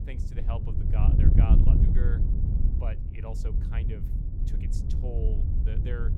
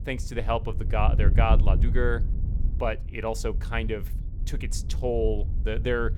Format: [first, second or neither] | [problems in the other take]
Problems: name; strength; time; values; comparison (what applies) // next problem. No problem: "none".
second | wind noise on the microphone; heavy; 2 dB above the speech; occasional gusts in the second